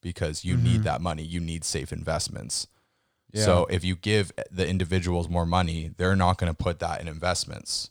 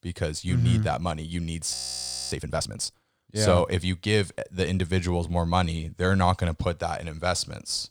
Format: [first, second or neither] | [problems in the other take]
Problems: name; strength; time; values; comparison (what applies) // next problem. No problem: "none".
first | audio freezing; at 1.5 s for 0.5 s